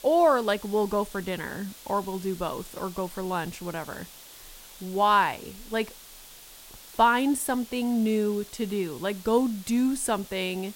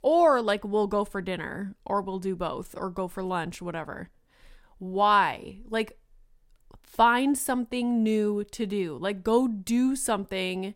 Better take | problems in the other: second | hiss; noticeable; throughout; 20 dB below the speech

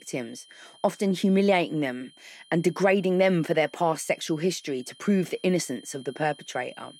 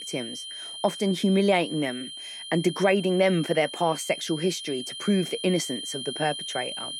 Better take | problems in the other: first | high-pitched whine; loud; throughout; 3 kHz, 9 dB below the speech; faint in the first

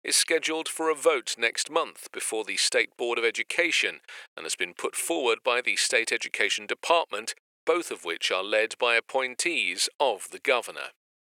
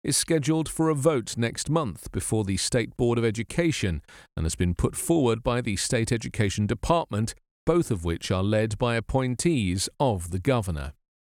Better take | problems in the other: second | thin; very; fading below 450 Hz

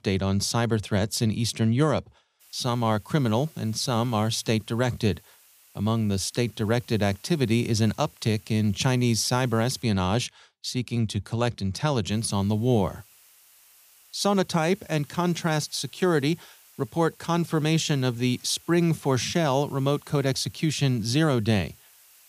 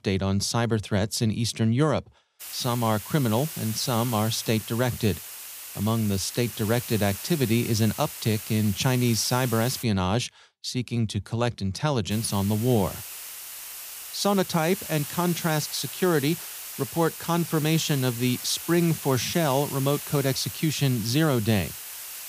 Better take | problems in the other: first | hiss; loud; from 2.5 to 10 s and from 12 s on; 9 dB below the speech; faint in the first

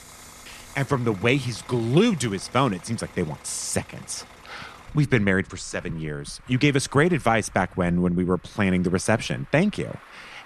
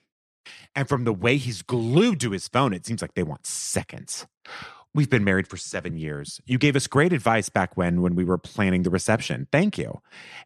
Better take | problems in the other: second | traffic noise; faint; throughout; 20 dB below the speech

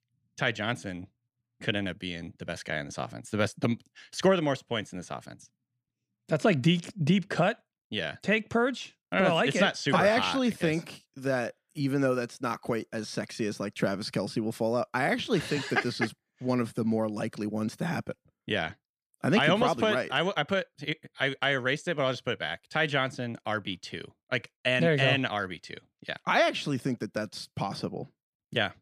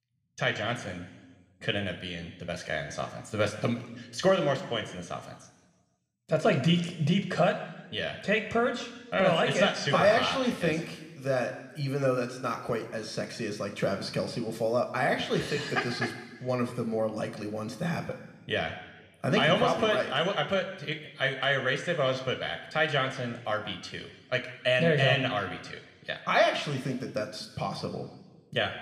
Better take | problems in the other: first | room echo; slight; dies away in 1.1 s

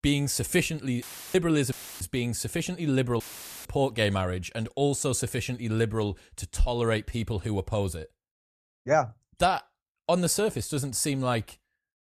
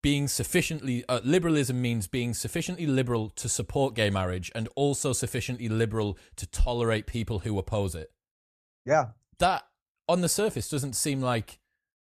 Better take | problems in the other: second | audio cutting out; filled with static; at 1 s, at 1.5 s and at 3 s

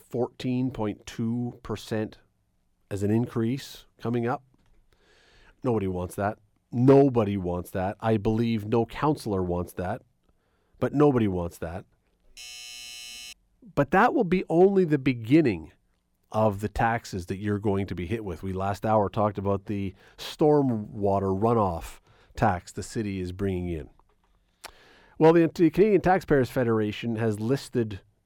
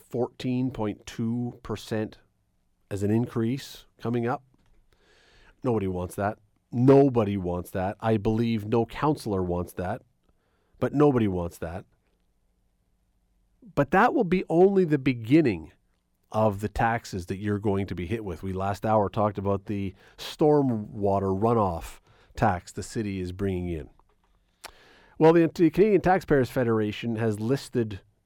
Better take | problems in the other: second | doorbell; faint; from 12 to 13 s; peak 10 dB below the speech

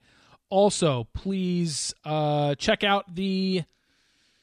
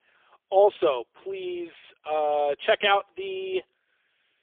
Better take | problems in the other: first | phone-call audio; poor line; nothing above 3.5 kHz

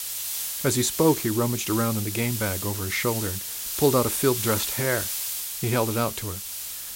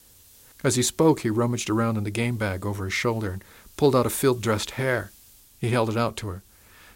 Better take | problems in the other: second | hiss; loud; throughout; 3 dB below the speech; faint in the second

